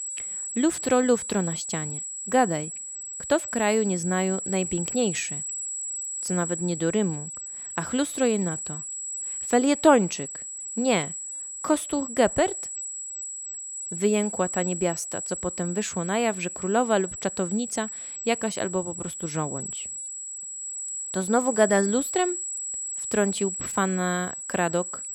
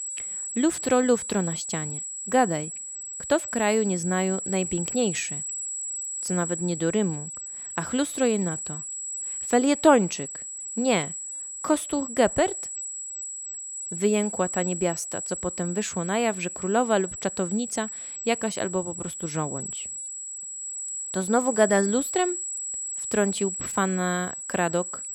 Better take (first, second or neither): neither